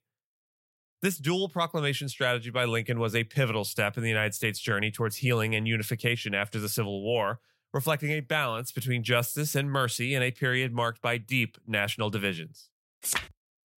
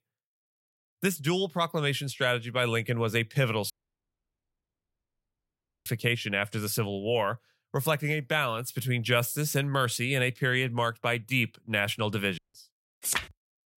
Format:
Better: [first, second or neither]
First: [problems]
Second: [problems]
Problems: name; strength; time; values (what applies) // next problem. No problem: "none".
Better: first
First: none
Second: audio cutting out; at 3.5 s for 2 s and at 12 s